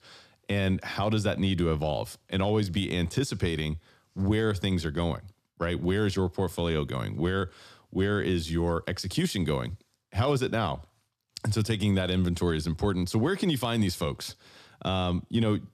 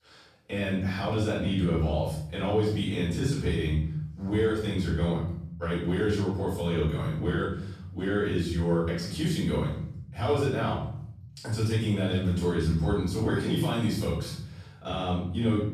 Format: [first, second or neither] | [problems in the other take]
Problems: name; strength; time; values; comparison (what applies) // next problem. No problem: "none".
first | off-mic speech; far // room echo; noticeable; dies away in 0.9 s